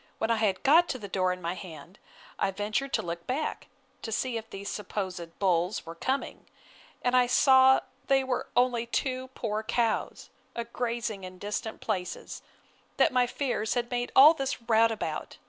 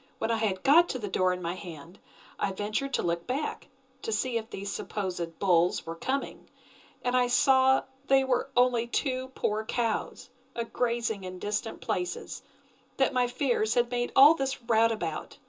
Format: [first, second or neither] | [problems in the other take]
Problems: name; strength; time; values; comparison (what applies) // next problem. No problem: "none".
first | room echo; dies away in 0.2 s